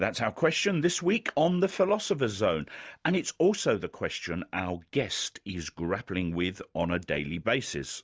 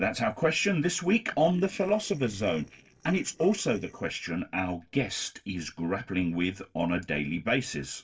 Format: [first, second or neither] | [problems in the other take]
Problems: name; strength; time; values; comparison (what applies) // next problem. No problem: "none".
first | noise reduction (neural separator model SepFormer DNS4)